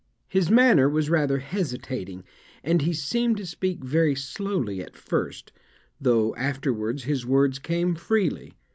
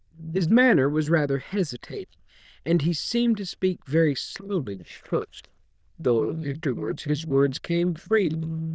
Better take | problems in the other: first | noise reduction (neural diffusion model UNIVERSE++)

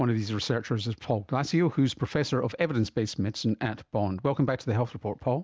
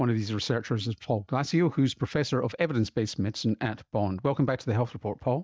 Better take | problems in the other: first | noise reduction (neural mask model DeepFilterNet 3)

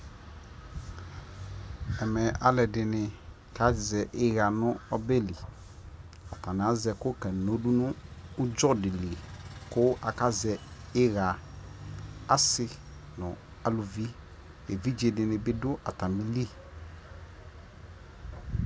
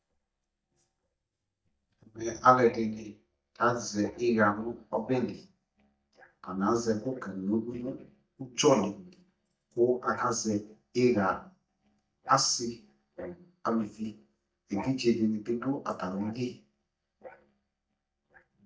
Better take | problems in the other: first | noise reduction (neural mask model DeepFilterNet 3)

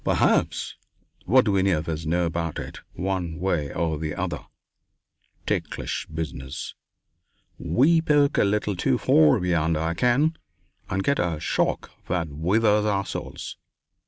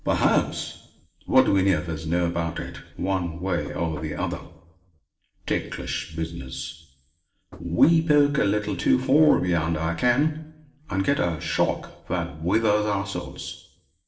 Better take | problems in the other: first | noise reduction (neural separator model SepFormer DNS4)

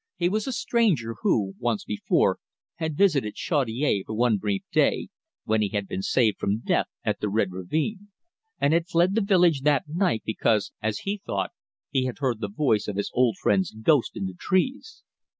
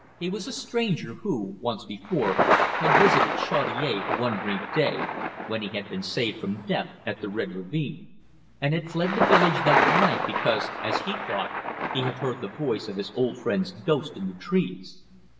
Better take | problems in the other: first | background sound (Thunder); as loud as the speech // room echo; dies away in 1 s

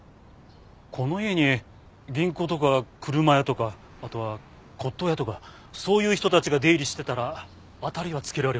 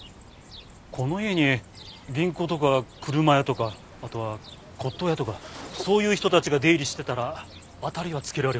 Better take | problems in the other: first | background sound (Cricket); 20 dB below the speech

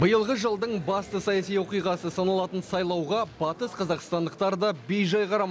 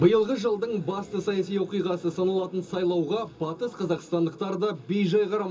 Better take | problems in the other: first | room echo; dies away in 0.2 s

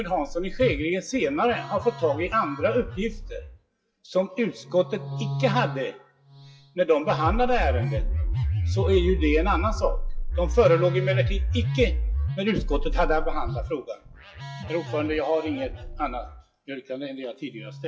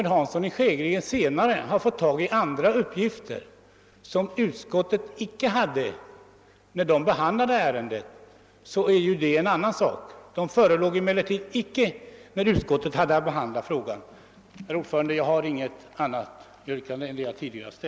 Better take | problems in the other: second | noise reduction (classical method WPE with log-MMSE)

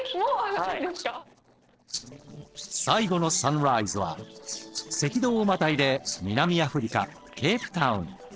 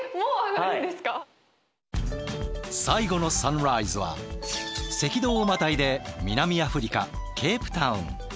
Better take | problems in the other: second | noise reduction (neural separator model SepFormer DNS4)

